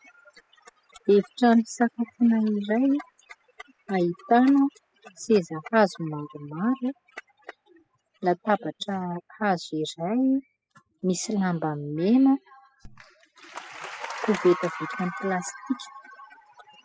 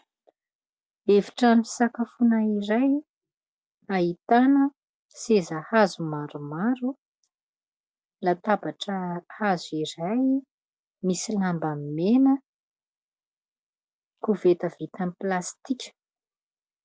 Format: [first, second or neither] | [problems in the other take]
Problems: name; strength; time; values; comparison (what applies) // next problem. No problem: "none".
second | noise reduction (classical method spectral subtraction)